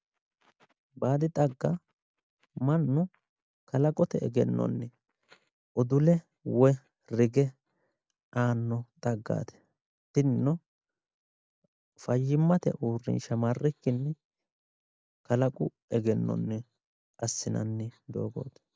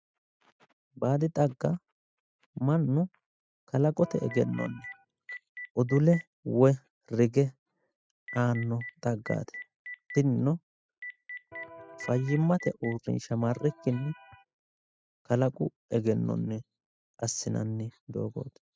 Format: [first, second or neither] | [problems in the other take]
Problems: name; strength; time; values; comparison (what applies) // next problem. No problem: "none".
first | noise reduction (classical method spectral subtraction)